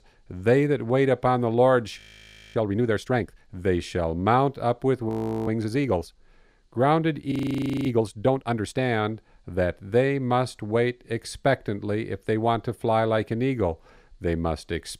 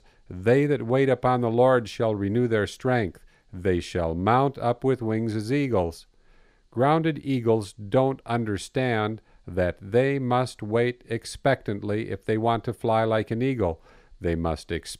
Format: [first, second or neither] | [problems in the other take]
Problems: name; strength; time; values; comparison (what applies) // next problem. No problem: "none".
second | audio freezing; at 2 s for 0.5 s, at 5 s and at 7.5 s for 0.5 s